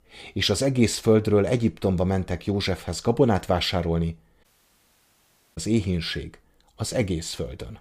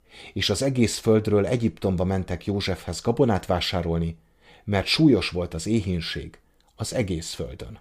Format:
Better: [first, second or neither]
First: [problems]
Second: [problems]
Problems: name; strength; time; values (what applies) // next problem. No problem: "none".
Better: second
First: audio cutting out; at 4.5 s for 1 s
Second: none